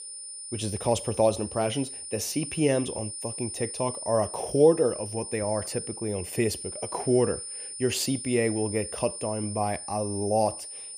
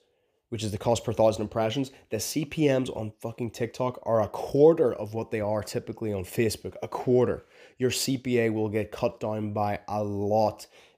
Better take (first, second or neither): second